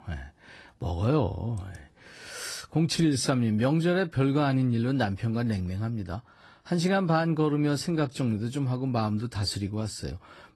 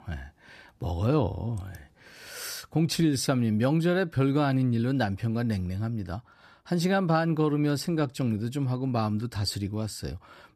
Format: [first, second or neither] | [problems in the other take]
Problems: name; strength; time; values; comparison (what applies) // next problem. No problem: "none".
second | garbled, watery; slightly; nothing above 12.5 kHz